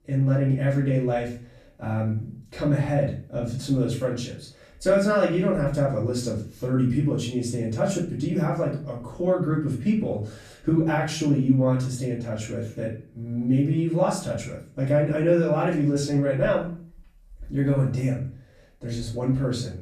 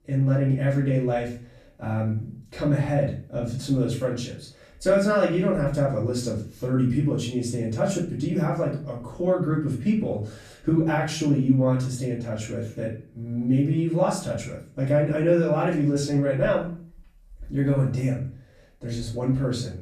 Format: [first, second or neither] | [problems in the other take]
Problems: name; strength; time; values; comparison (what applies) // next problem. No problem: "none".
neither | off-mic speech; far; the same in both // room echo; slight; dies away in 0.4 s; the same in both